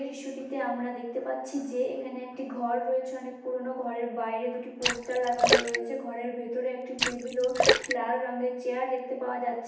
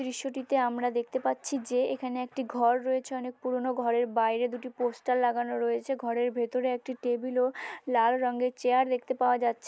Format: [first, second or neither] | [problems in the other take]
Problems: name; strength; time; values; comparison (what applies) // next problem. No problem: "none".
second | background sound (Splash, splatter); 2 dB above the speech // room echo; dies away in 0.9 s